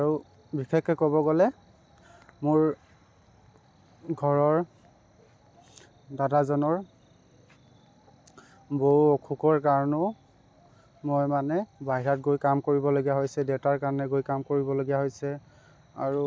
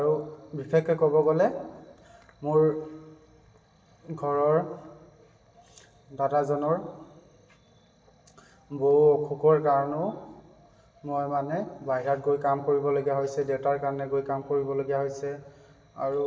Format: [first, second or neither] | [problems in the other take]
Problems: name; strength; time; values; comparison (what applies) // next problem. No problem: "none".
first | room echo; dies away in 1.2 s